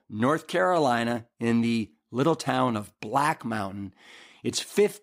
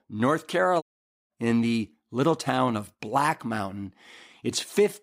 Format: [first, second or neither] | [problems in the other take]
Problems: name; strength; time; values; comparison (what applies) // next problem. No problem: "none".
first | audio cutting out; at 1 s